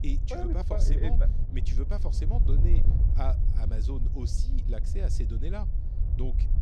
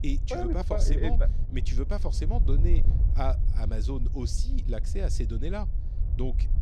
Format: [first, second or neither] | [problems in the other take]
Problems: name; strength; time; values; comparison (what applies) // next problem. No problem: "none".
second | wind noise on the microphone; heavy; 6 dB below the speech; occasional gusts in the second